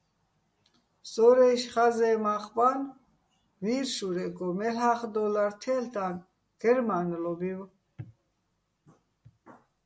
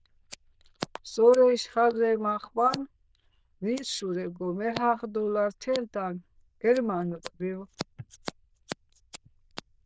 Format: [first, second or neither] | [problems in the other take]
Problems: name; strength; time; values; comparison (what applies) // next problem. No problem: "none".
first | noise reduction (neural diffusion model UNIVERSE++)